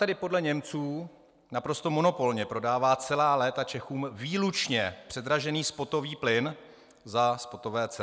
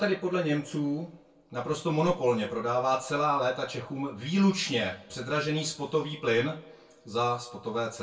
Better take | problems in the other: first | room echo; dies away in 0.2 s

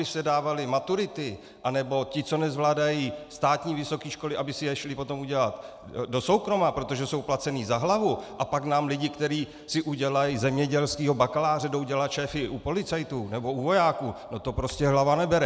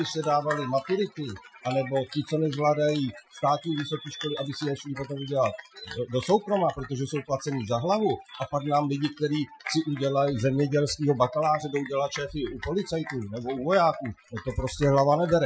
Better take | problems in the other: first | noise reduction (classical method Wiener filter)

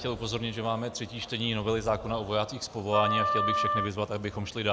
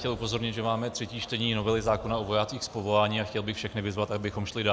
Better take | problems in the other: second | background sound (Wind instrument, woodwind instrument); as loud as the speech

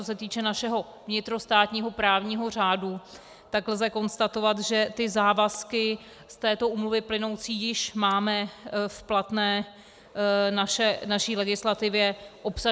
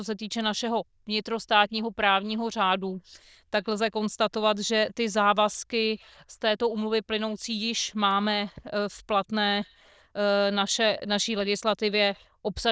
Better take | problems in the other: first | noise reduction (neural diffusion model UNIVERSE++)

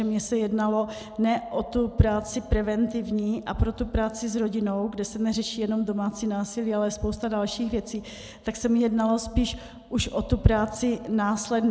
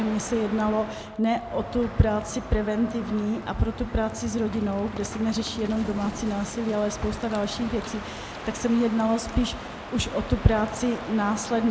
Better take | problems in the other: first | background sound (Crow); 11 dB below the speech

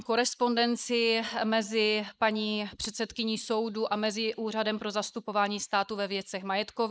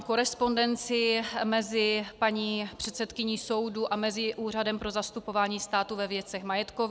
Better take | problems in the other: second | noise reduction (neural mask model Resemble Enhance denoiser)

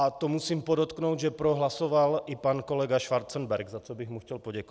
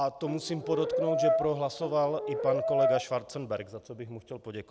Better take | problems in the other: first | background sound (Brass instrument); 2 dB above the speech

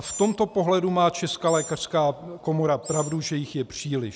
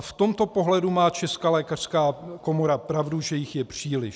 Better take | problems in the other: second | background sound (Animal); 16 dB below the speech

